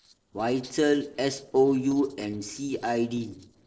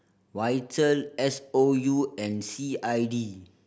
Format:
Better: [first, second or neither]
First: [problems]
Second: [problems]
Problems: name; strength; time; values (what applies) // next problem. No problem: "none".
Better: second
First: noise reduction (neural separator model SepFormer DNS4)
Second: none